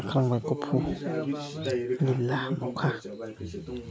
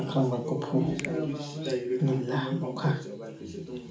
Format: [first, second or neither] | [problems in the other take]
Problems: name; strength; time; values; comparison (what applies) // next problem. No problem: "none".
first | background sound (Finger snapping); 17 dB below the speech // room echo; dies away in 0.4 s